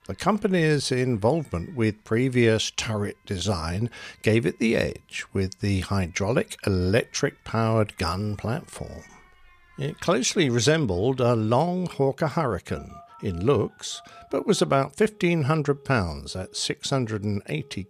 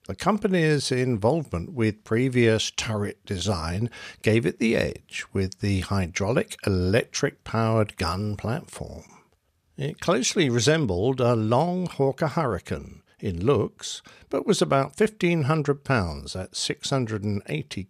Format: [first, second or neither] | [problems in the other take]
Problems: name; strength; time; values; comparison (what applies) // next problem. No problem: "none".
second | alarms or sirens; faint; throughout; 30 dB below the speech